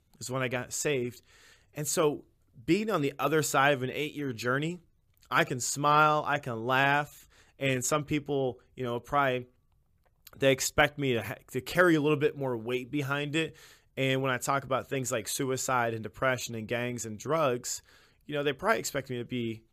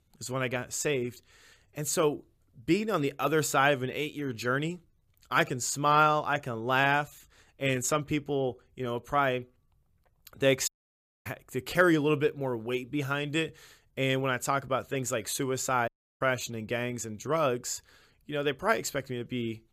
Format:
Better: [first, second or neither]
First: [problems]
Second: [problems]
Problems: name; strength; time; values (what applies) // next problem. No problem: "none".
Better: first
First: none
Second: audio cutting out; at 11 s for 0.5 s and at 16 s